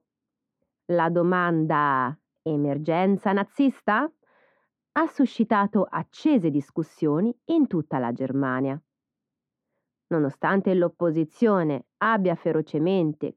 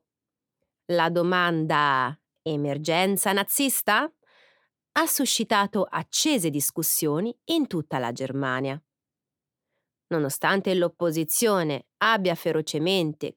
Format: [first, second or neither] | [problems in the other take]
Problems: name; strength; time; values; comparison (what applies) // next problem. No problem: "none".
second | muffled; very; fading above 1.5 kHz